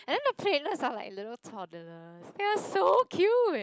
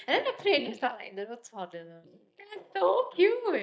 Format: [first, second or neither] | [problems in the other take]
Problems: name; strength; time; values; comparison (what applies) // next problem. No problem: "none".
first | noise reduction (neural mask model DeepFilterNet 3)